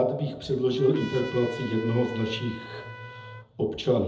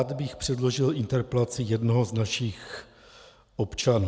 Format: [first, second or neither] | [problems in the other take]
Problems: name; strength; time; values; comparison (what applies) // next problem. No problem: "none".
second | background sound (Trumpet); 15 dB below the speech // room echo; dies away in 0.8 s